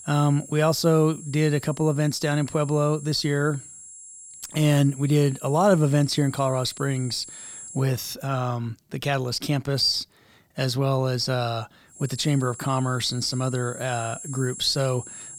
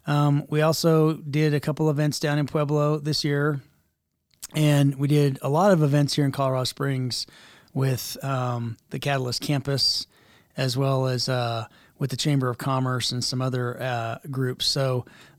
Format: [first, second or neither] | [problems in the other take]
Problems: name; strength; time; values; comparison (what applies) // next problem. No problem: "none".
second | high-pitched whine; noticeable; until 8 s and from 12 s on; 7.5 kHz, 15 dB below the speech